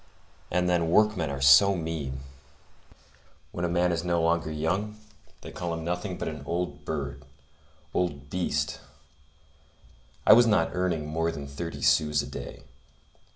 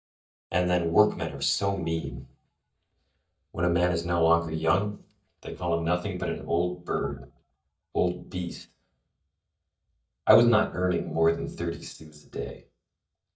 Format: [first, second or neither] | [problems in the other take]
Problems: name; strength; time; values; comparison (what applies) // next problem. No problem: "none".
first | noise reduction (neural mask model DeepFilterNet 3)